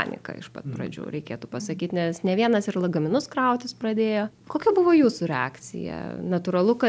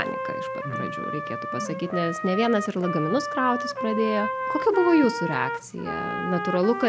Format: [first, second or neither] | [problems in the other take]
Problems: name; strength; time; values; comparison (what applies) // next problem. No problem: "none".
first | background sound (Trumpet); 5 dB below the speech